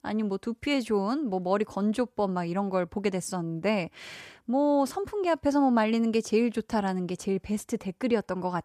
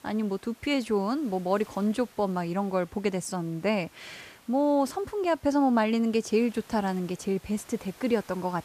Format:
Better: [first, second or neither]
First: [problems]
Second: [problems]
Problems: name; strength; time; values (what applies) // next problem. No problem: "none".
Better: first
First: none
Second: hiss; faint; throughout; 25 dB below the speech